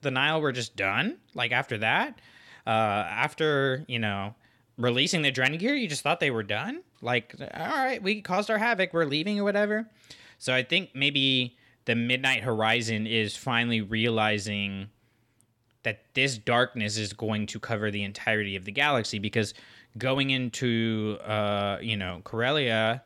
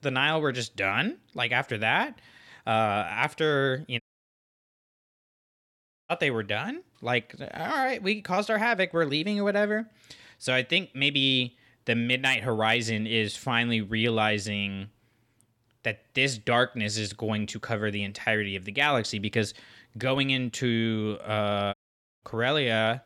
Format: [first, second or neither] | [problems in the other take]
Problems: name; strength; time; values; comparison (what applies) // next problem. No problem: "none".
first | audio cutting out; at 4 s for 2 s and at 22 s